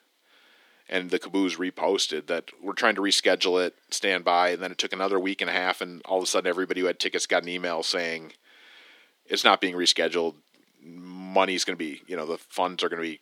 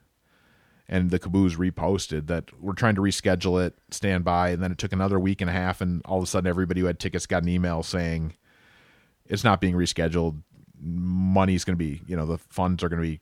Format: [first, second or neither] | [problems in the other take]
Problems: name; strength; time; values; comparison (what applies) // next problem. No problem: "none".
second | thin; somewhat; fading below 300 Hz